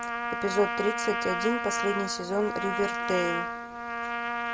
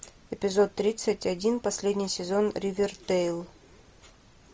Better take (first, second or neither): second